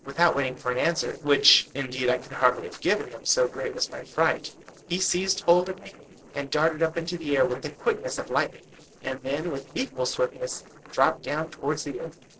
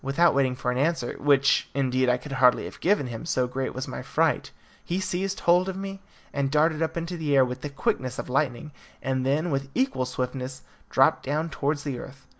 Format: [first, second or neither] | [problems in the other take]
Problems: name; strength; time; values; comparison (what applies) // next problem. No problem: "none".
second | noise reduction (neural separator model SepFormer DNS4)